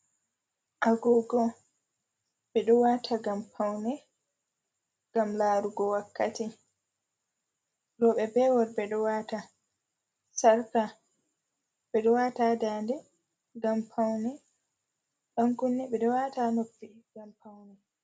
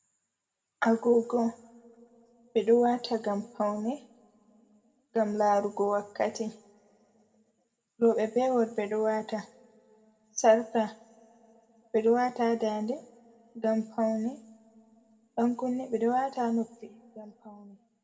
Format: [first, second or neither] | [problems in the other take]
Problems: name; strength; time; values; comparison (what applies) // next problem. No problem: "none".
first | room echo; dies away in 1.3 s